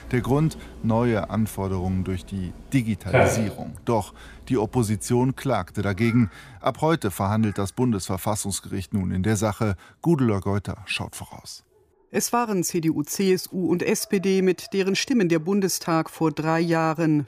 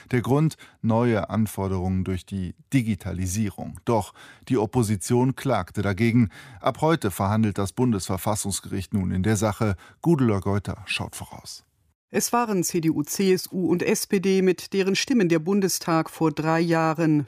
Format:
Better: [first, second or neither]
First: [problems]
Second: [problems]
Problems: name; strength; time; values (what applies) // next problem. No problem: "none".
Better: second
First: animal sounds; loud; throughout; 6 dB below the speech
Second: none